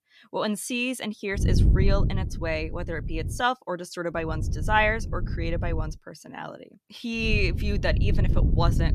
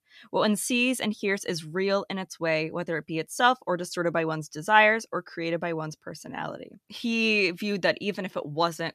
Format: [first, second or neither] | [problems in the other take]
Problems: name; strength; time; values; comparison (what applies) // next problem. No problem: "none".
second | wind noise on the microphone; occasional gusts; from 1.5 to 3.5 s, from 4 to 6 s and from 7 s on; 10 dB below the speech